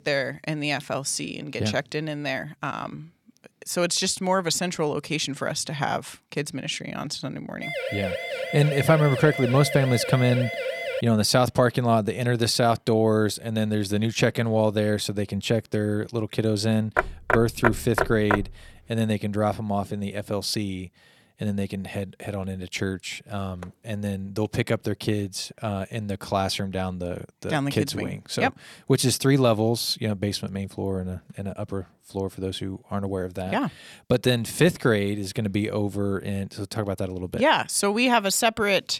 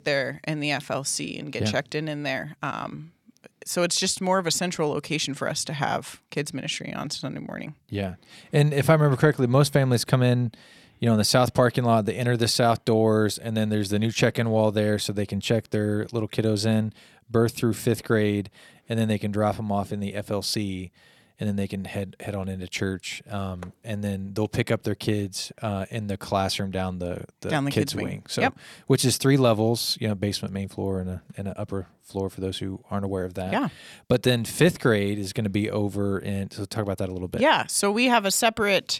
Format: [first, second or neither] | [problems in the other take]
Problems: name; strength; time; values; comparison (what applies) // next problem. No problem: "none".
second | siren; noticeable; from 7.5 to 11 s; peak 4 dB below the speech // door banging; loud; from 17 to 18 s; peak 1 dB above the speech